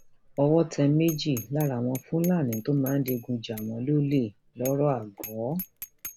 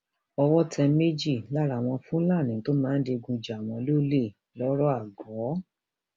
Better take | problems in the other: second | background sound (Bicycle bell); 18 dB below the speech

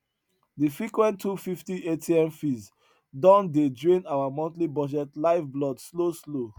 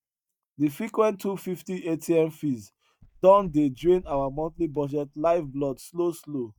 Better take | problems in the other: first | noise reduction (neural mask model DeepFilterNet 3)

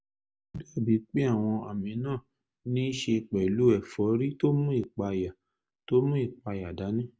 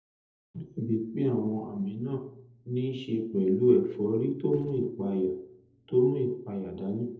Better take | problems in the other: first | noise reduction (neural separator model SepFormer DNS4)

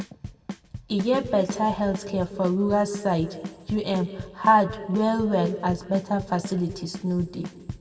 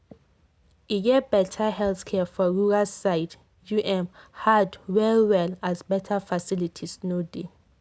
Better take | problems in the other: second | background sound (Bass drum / Snare drum / Drum kit); 13 dB below the speech // room echo; dies away in 1.3 s

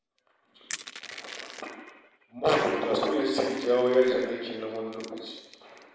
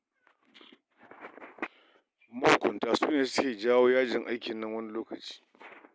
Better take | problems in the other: second | background sound (Crushing); 18 dB below the speech // room echo; dies away in 1.2 s

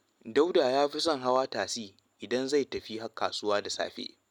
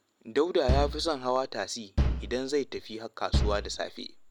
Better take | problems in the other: first | background sound (Bass drum); 1 dB above the speech

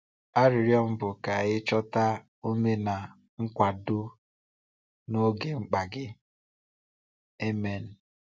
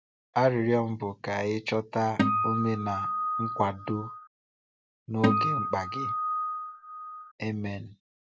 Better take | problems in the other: first | background sound (Acoustic guitar); 1 dB above the speech

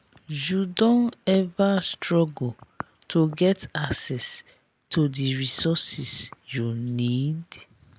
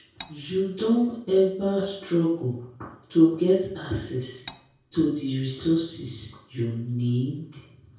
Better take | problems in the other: first | background sound (Cutlery, silverware); 19 dB below the speech // room echo; dies away in 0.6 s

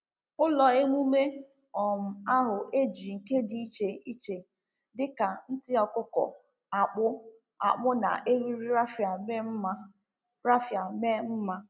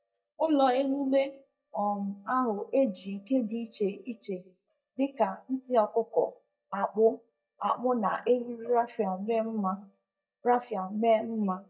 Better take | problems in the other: first | noise reduction (neural mask model DeepFilterNet 3)

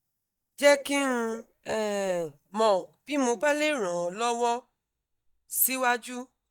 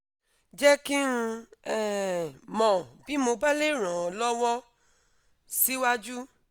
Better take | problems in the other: second | noise reduction (neural mask model DeepFilterNet 3)

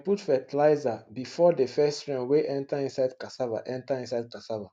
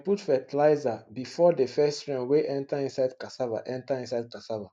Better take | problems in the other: first | noise reduction (neural mask model Resemble Enhance denoiser)

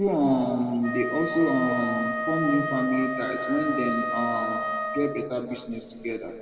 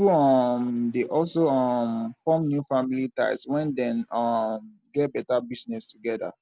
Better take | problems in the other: second | background sound (Wind instrument, woodwind instrument); 5 dB below the speech // room echo; dies away in 1.9 s

